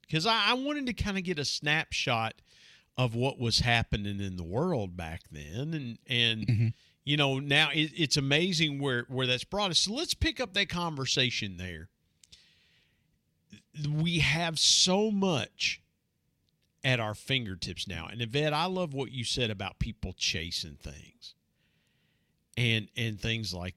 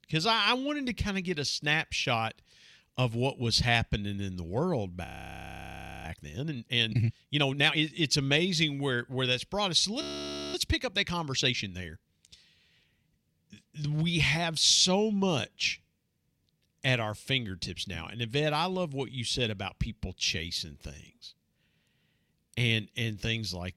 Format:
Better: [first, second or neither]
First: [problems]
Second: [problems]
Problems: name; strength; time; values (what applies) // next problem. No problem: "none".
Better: first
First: none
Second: audio freezing; at 5 s for 1 s and at 10 s for 0.5 s